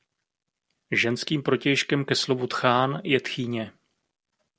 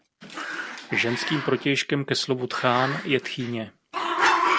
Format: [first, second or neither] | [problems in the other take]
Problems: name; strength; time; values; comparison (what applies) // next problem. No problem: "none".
first | background sound (Growling); 2 dB below the speech